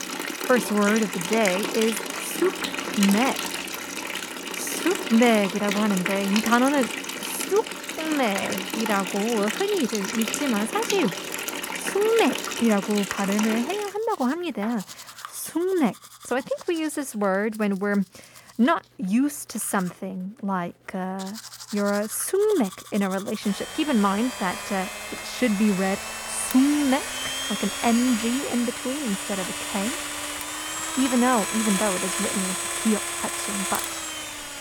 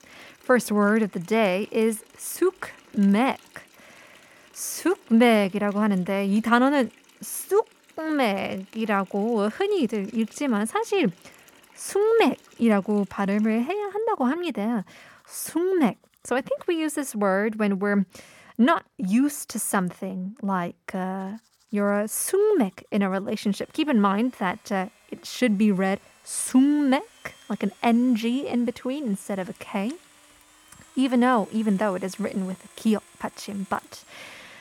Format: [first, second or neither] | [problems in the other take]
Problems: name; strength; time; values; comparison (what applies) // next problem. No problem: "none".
second | household noises; loud; throughout; 4 dB below the speech; faint in the second